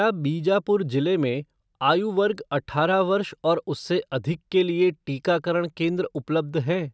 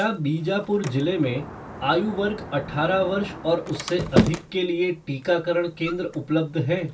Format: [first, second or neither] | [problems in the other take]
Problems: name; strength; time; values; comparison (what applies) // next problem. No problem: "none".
first | background sound (Sliding door); 7 dB below the speech // room echo; dies away in 0.2 s